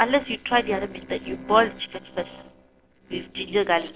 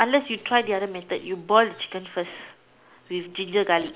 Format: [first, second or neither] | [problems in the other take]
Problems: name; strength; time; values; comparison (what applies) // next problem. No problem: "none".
second | noise reduction (neural separator model SepFormer DNS4)